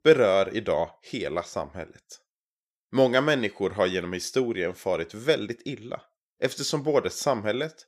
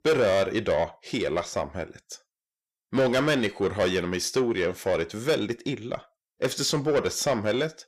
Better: first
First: none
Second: distortion; heavy; 7 dB below the speech

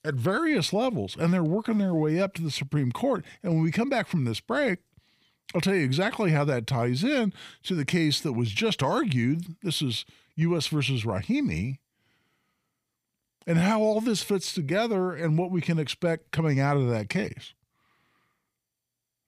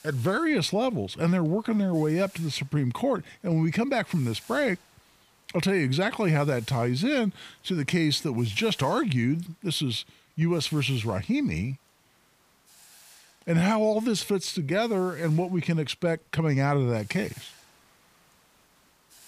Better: first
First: none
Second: hiss; faint; throughout; 25 dB below the speech

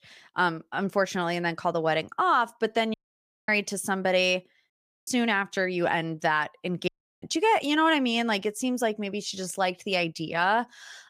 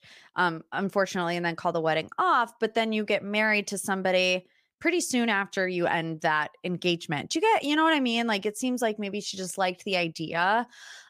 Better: second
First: audio cutting out; at 3 s for 0.5 s, at 4.5 s and at 7 s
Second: none

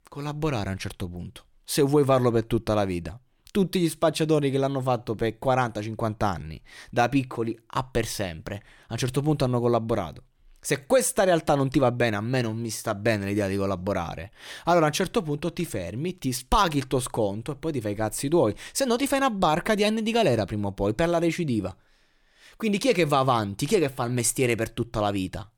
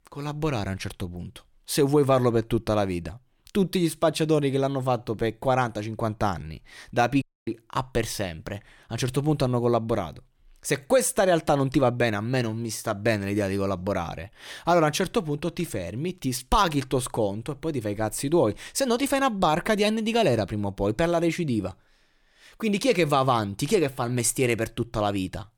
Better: first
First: none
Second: audio cutting out; at 7 s

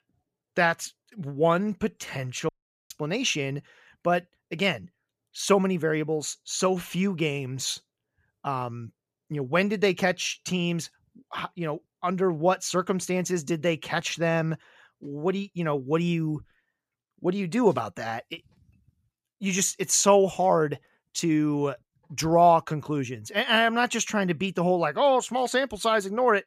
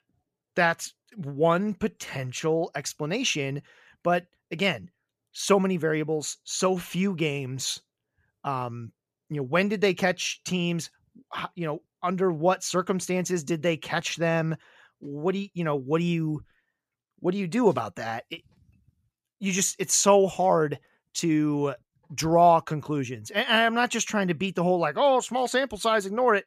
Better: second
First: audio cutting out; at 2.5 s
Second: none

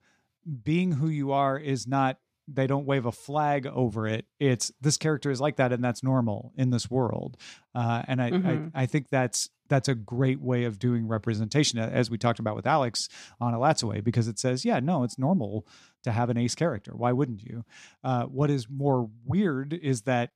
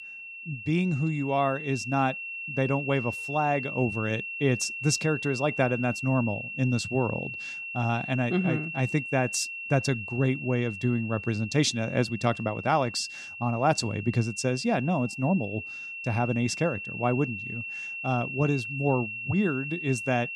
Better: first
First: none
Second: high-pitched whine; loud; throughout; 2.5 kHz, 7 dB below the speech

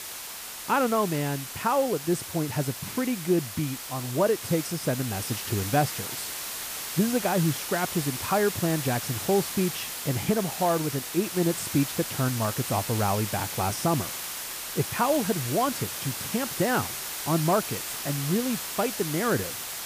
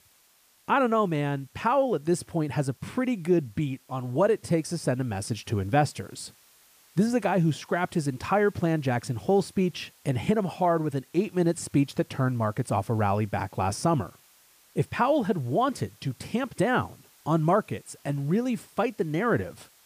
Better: second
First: hiss; loud; throughout; 5 dB below the speech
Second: hiss; faint; throughout; 30 dB below the speech

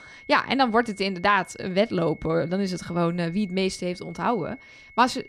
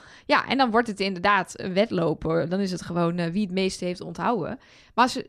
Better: second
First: high-pitched whine; faint; throughout; 2 kHz, 25 dB below the speech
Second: none

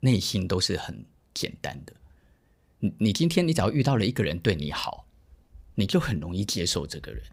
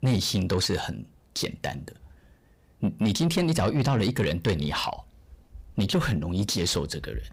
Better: first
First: none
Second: distortion; slight; 10 dB below the speech

